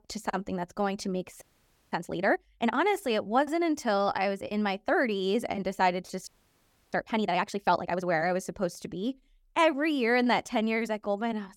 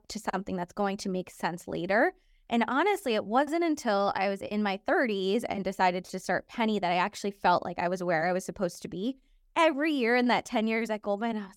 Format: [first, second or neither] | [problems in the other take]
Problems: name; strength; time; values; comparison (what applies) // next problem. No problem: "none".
second | audio freezing; at 1.5 s for 0.5 s and at 6.5 s for 0.5 s